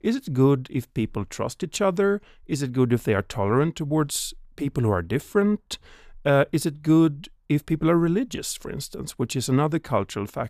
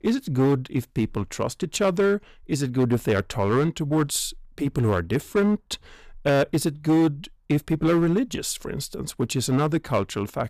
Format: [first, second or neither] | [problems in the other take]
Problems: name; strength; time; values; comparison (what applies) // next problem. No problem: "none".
first | distortion; slight; 6% of the sound clipped